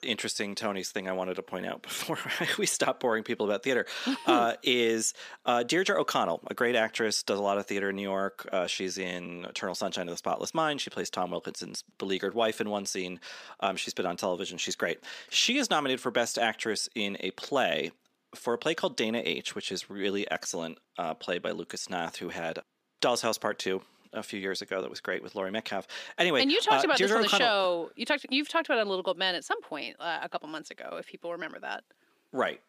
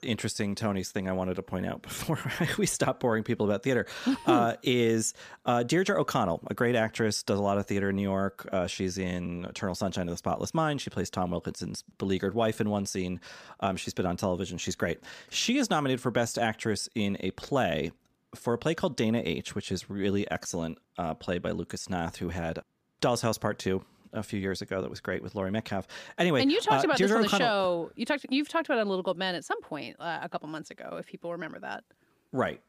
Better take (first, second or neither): second